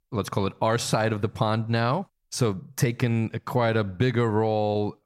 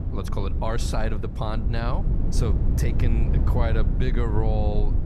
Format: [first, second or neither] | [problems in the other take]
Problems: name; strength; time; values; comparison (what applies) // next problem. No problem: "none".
first | low rumble; loud; throughout; 7 dB below the speech